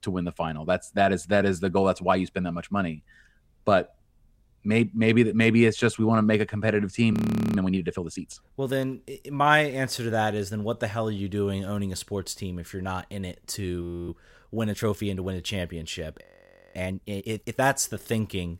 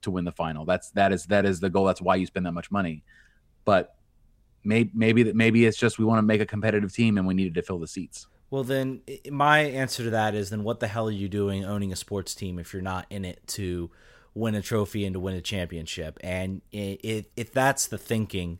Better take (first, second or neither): second